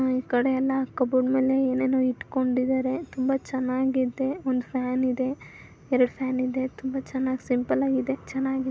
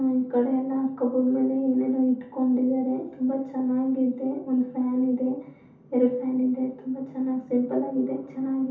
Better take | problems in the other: first | room echo; dies away in 0.5 s

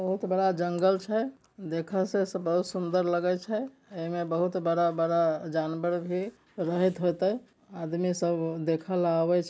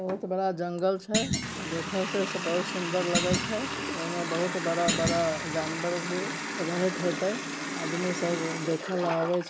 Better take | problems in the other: first | background sound (Thump, thud + Water tap, faucet); 2 dB below the speech

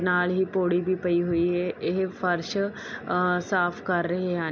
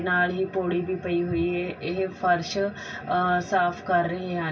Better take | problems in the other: first | room echo; dies away in 0.2 s

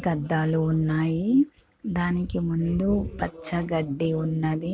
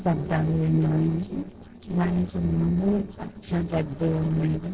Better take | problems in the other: first | noise reduction (neural separator model SepFormer DNS4)

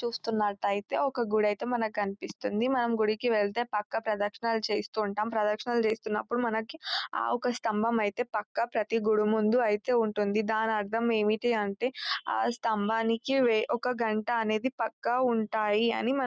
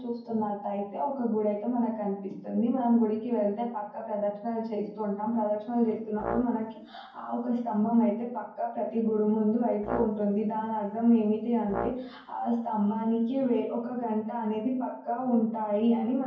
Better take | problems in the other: first | background sound (Brass instrument); 11 dB below the speech // room echo; dies away in 0.9 s

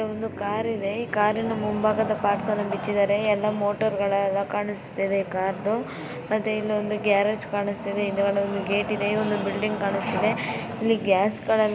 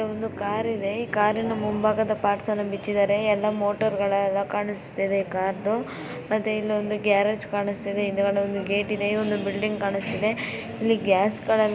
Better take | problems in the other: second | background sound (Wood); 12 dB below the speech

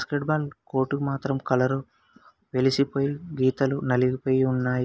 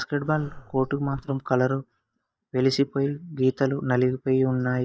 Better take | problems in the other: first | noise reduction (neural mask model DeepFilterNet 3)

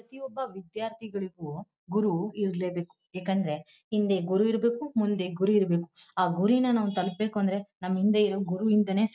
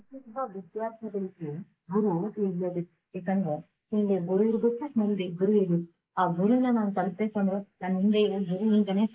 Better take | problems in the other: first | noise reduction (neural mask model Resemble Enhance denoiser)

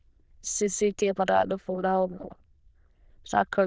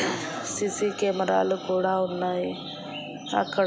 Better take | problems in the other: second | noise reduction (neural diffusion model UNIVERSE++)

